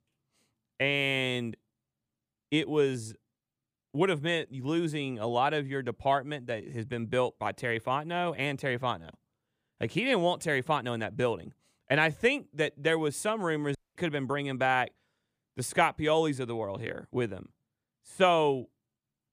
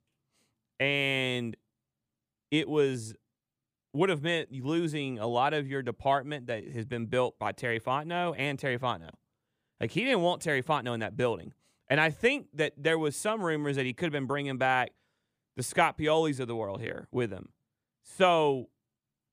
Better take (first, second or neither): second